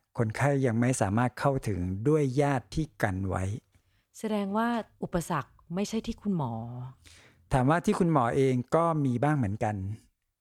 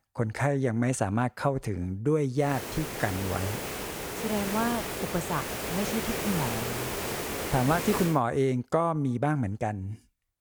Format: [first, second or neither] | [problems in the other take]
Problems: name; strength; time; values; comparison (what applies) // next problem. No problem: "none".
first | hiss; loud; from 2.5 to 8 s; 3 dB below the speech